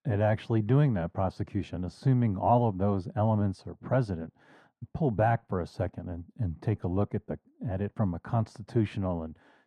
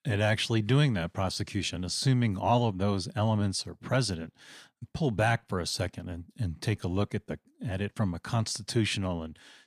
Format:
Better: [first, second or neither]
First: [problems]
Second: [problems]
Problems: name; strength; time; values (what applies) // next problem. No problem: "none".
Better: second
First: muffled; very; fading above 2 kHz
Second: none